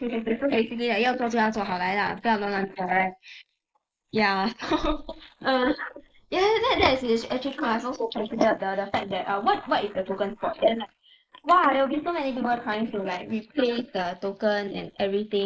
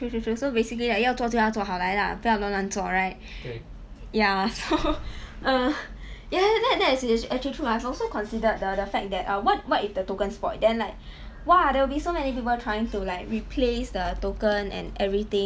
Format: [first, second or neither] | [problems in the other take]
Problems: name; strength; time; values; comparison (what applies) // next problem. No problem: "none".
second | noise reduction (neural mask model Resemble Enhance denoiser)